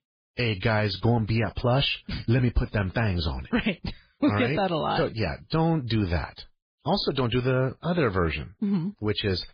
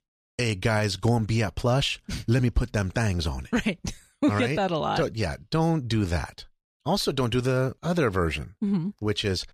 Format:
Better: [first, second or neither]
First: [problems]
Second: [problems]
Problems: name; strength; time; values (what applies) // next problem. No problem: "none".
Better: second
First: garbled, watery; badly; nothing above 11 kHz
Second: none